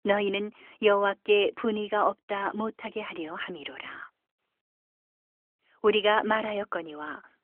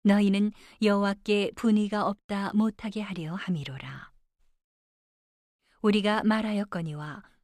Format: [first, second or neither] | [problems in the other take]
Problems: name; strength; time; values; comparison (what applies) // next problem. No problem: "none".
second | phone-call audio; nothing above 3 kHz